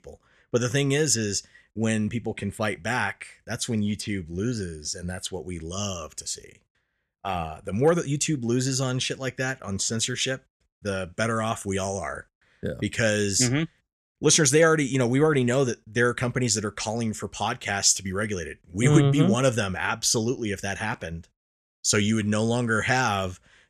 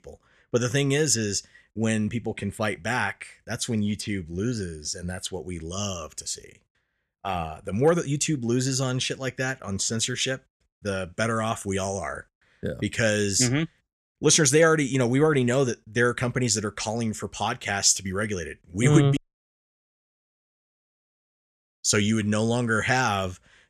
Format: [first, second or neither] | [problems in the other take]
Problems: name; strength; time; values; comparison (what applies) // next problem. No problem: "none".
first | audio cutting out; at 19 s for 2 s